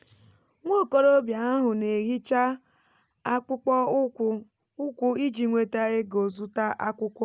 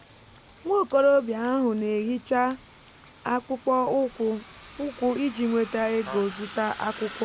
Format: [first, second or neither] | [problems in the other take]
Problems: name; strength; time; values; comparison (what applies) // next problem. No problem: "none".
first | background sound (Bus); 18 dB below the speech